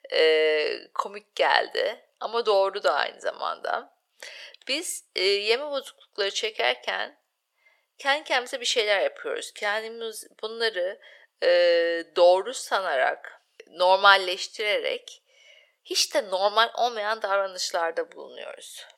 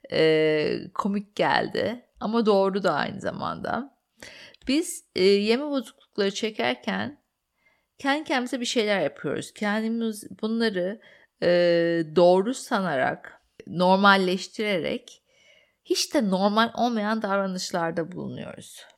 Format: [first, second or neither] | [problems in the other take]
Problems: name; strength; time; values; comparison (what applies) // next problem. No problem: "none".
second | thin; very; fading below 500 Hz